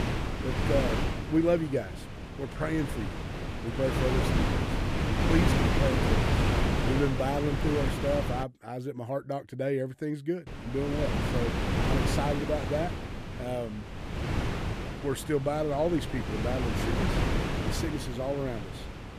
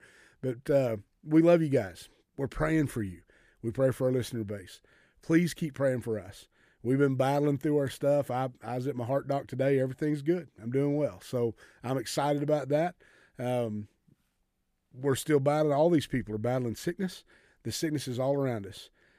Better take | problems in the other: second | wind noise on the microphone; heavy; until 8.5 s and from 10 s on; 1 dB below the speech

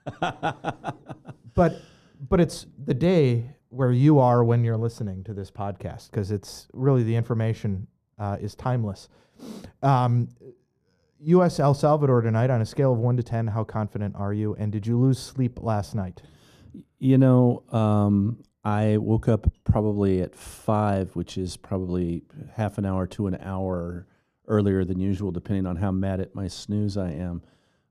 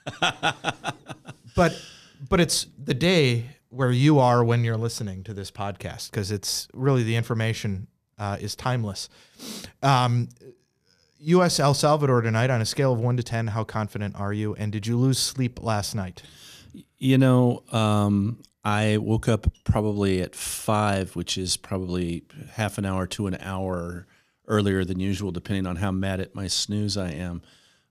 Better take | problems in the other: second | muffled; slightly; fading above 1.5 kHz

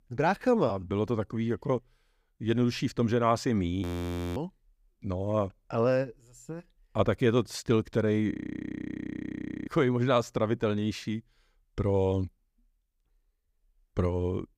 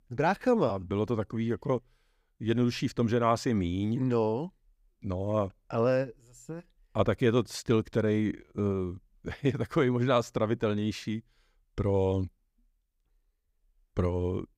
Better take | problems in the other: second | audio freezing; at 4 s for 0.5 s and at 8.5 s for 1.5 s

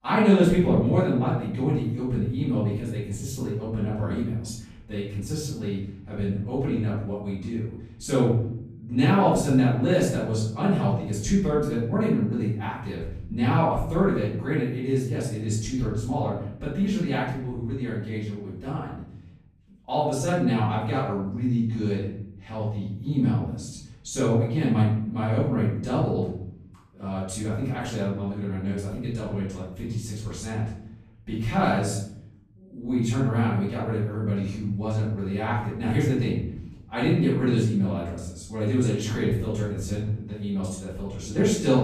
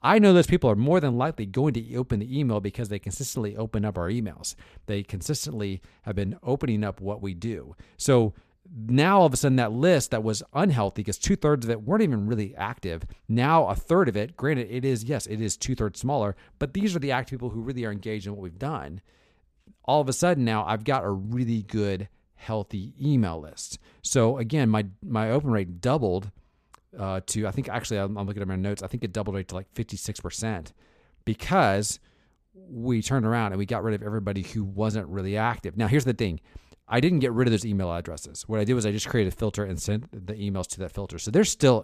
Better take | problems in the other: second | off-mic speech; far // room echo; noticeable; dies away in 0.8 s

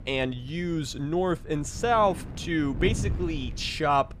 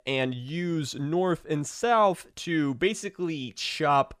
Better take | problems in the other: second | wind noise on the microphone; occasional gusts; 20 dB below the speech

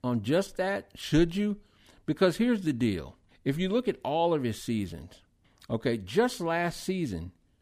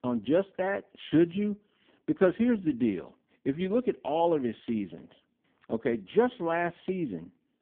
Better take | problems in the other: first | phone-call audio; poor line

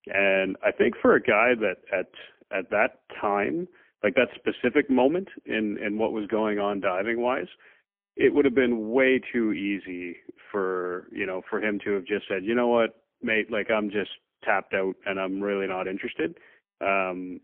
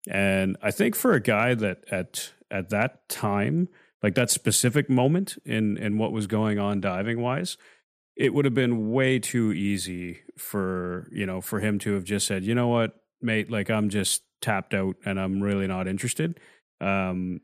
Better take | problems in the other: second | phone-call audio; poor line

